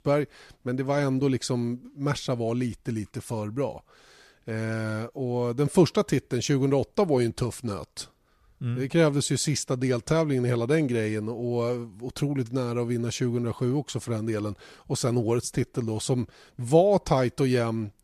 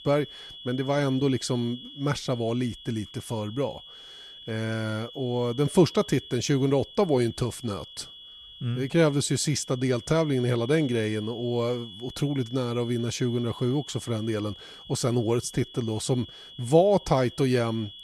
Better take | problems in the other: first | high-pitched whine; noticeable; throughout; 3.5 kHz, 15 dB below the speech

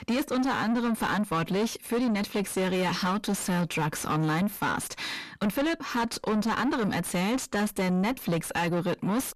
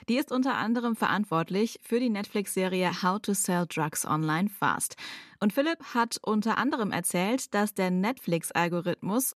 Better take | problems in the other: second | distortion; heavy; 6 dB below the speech

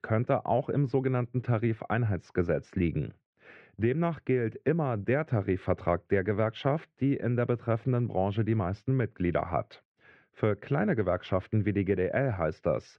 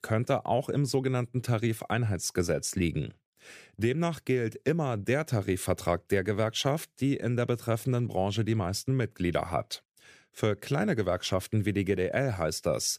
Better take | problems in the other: second | muffled; very; fading above 2 kHz

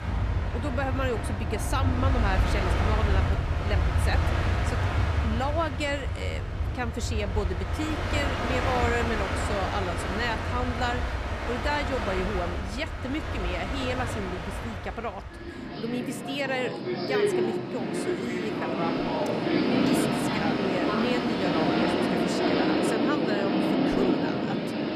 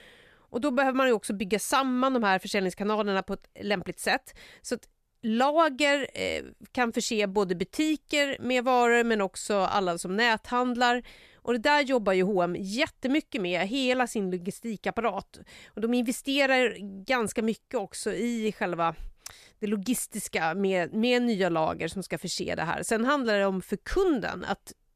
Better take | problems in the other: second | train or aircraft noise; very loud; throughout; 5 dB above the speech

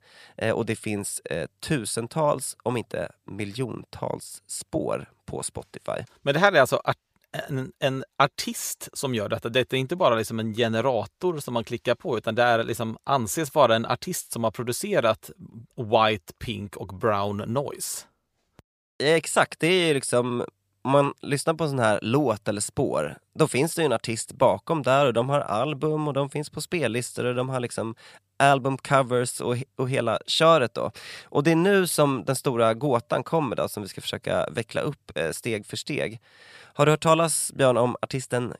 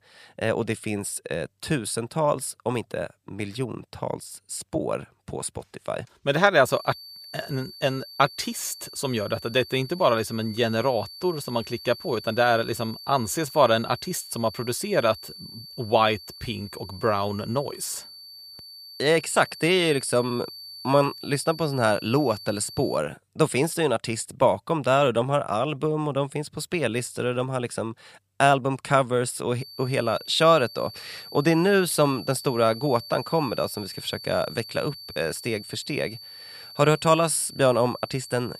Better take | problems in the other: first | high-pitched whine; noticeable; from 6.5 to 23 s and from 30 s on; 4.5 kHz, 15 dB below the speech

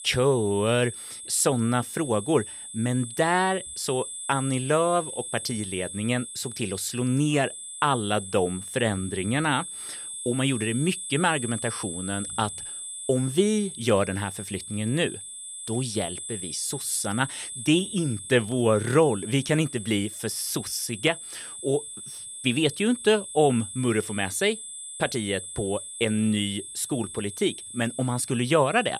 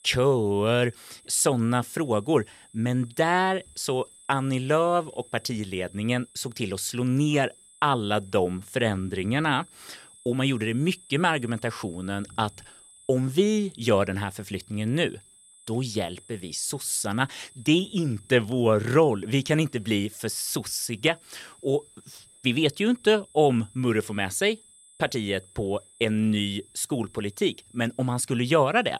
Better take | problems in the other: second | high-pitched whine; loud; throughout; 8 kHz, 9 dB below the speech; faint in the second

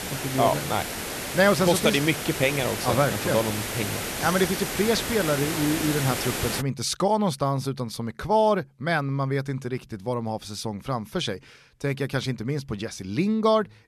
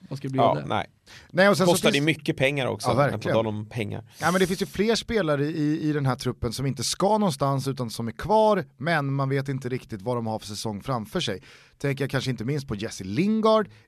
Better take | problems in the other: second | hiss; loud; until 6.5 s; 4 dB below the speech

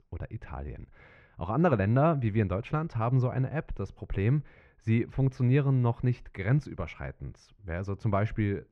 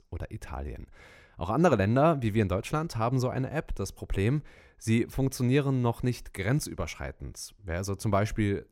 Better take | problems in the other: second | muffled; very; fading above 2 kHz

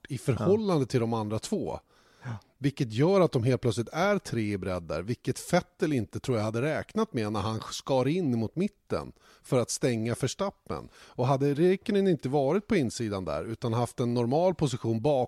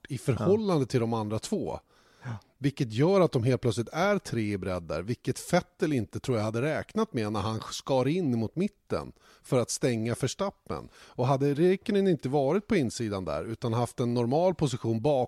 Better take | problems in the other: neither | none

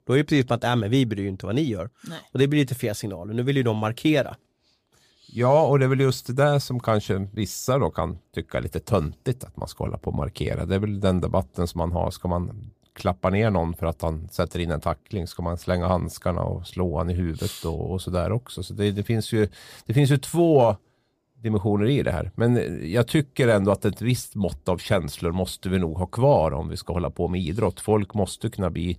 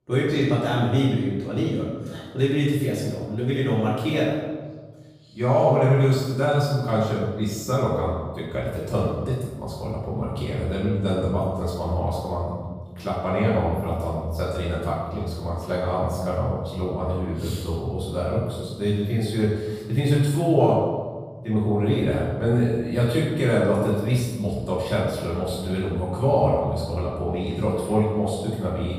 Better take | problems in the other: first | off-mic speech; far // room echo; noticeable; dies away in 1.2 s

